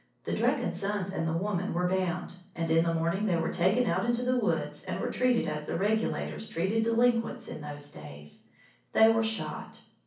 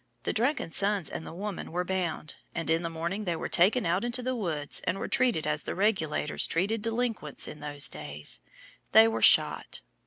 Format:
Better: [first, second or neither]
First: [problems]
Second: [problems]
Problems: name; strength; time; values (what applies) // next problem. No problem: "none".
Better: second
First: room echo; dies away in 0.6 s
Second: none